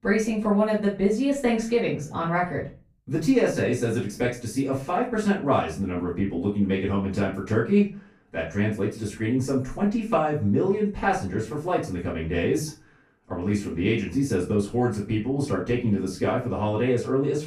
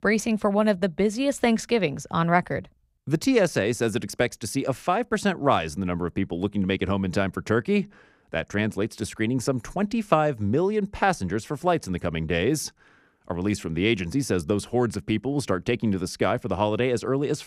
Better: second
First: room echo; slight; dies away in 0.3 s // off-mic speech; far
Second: none

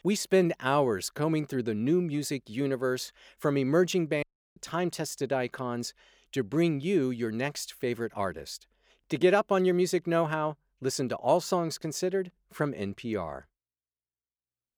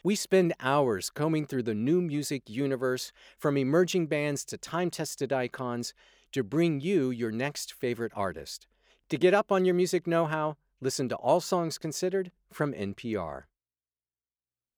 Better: second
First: audio cutting out; at 4 s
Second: none

